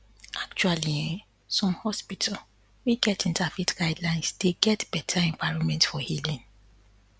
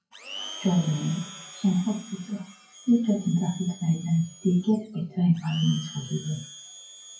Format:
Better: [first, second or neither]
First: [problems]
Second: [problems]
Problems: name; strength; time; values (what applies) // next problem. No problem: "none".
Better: first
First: none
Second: noise reduction (classical method WPE with log-MMSE)